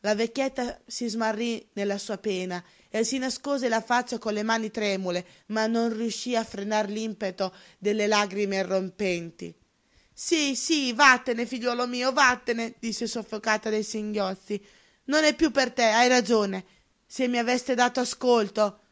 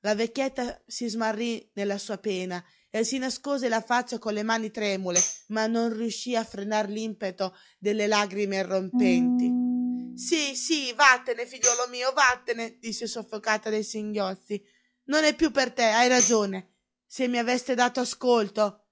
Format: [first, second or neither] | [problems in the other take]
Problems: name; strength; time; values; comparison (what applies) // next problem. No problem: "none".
first | noise reduction (classical method log-MMSE)